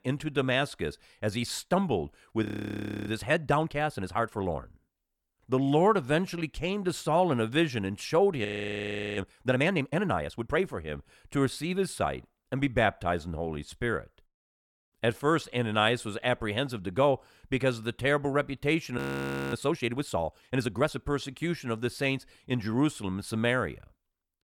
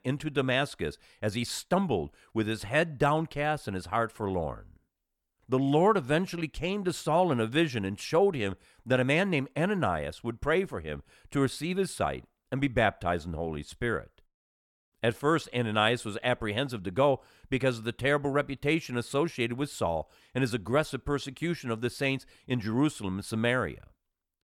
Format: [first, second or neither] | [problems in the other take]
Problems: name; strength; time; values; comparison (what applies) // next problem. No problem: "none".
second | audio freezing; at 2.5 s for 0.5 s, at 8.5 s for 0.5 s and at 19 s for 0.5 s